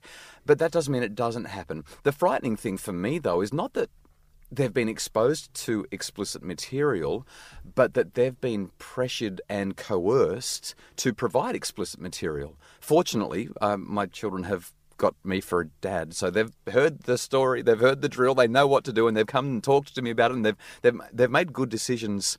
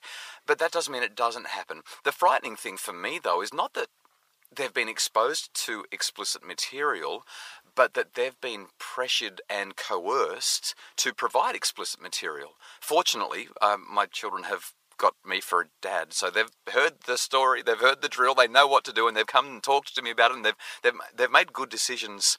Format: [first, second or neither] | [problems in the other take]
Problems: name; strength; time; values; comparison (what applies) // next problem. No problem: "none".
first | thin; very; fading below 750 Hz